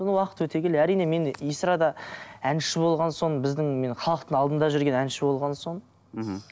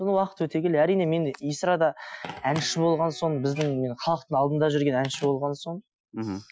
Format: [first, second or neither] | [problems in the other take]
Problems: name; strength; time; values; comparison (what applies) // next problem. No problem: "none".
first | noise reduction (classical method Wiener filter)